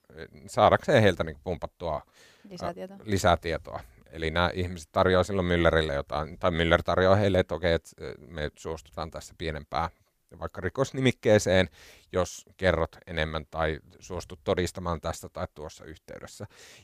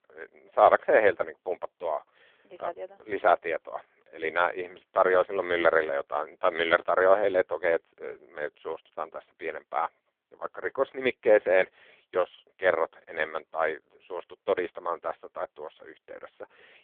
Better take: first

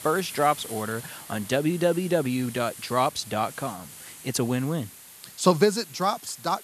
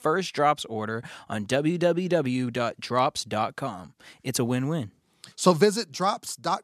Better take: second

